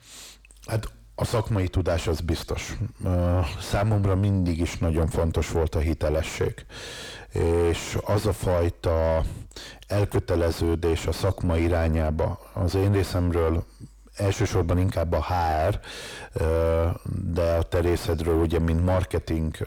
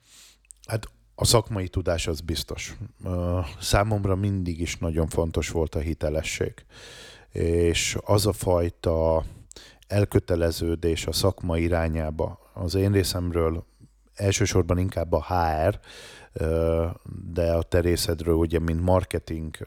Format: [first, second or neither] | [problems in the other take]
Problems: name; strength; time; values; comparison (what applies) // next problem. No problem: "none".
second | distortion; heavy; 6 dB below the speech